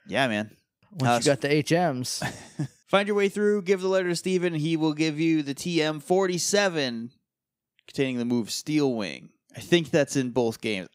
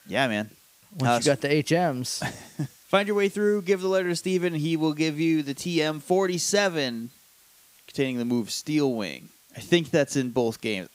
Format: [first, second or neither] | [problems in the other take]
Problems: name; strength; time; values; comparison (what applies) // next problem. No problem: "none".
first | hiss; faint; throughout; 30 dB below the speech